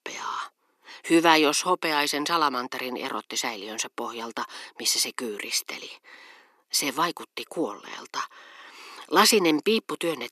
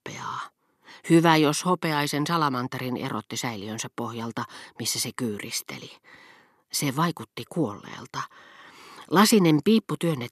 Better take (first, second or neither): second